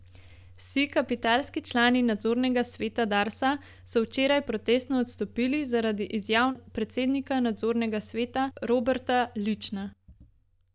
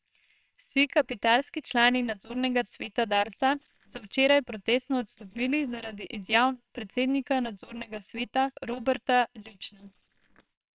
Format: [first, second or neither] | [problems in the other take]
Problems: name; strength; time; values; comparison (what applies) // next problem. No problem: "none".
first | noise reduction (neural separator model SepFormer WHAMR!)